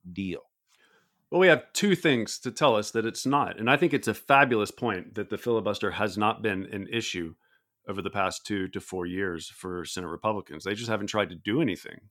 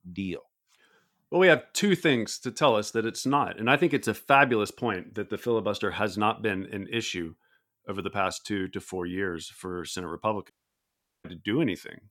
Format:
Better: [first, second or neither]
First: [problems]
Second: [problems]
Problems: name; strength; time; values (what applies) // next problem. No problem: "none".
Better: first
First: none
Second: audio cutting out; at 11 s for 0.5 s